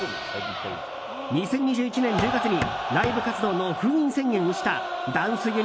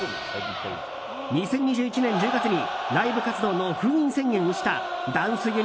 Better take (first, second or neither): second